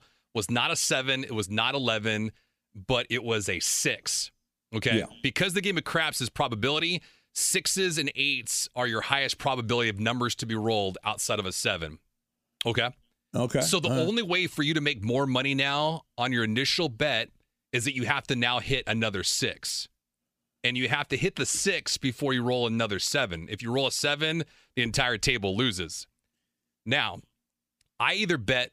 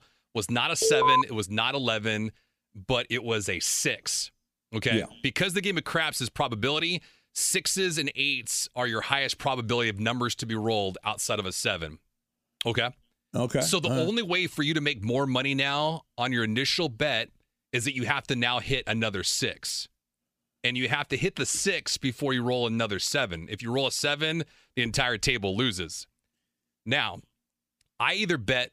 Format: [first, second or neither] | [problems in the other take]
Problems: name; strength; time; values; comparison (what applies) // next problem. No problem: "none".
first | alarm; loud; at 1 s; peak 5 dB above the speech